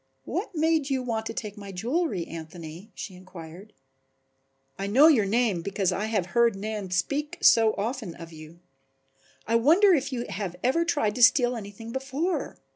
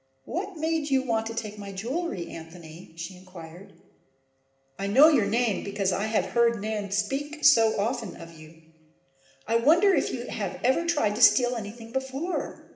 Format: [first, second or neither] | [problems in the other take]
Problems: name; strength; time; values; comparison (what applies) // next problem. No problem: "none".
first | room echo; dies away in 0.9 s